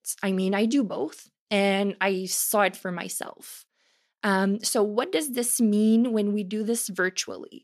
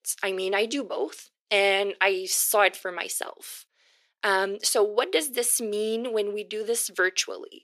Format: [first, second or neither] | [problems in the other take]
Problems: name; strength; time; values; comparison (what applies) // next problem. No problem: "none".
first | thin; very; fading below 400 Hz